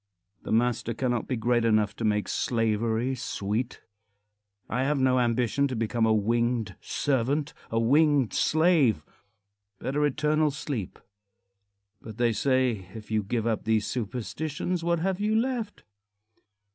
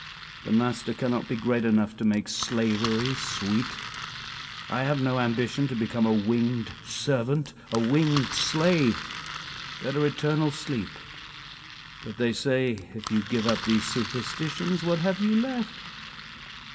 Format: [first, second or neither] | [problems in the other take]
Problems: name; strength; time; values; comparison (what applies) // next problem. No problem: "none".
first | background sound (Engine); 11 dB below the speech // room echo; dies away in 1.9 s